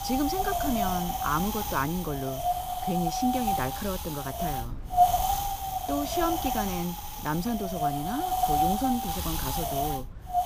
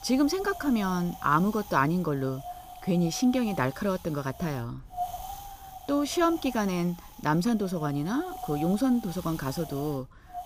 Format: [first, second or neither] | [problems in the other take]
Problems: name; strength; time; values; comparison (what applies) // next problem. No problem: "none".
second | wind noise on the microphone; heavy; 5 dB above the speech; occasional gusts in the second